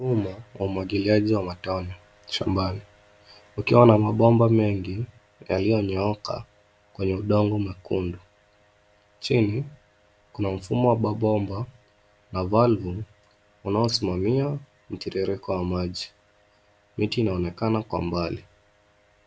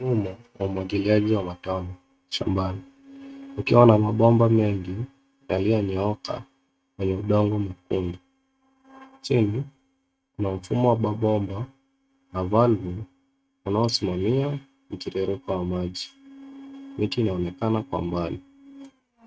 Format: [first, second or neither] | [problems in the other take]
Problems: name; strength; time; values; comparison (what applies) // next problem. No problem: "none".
first | noise reduction (neural mask model RNNoise)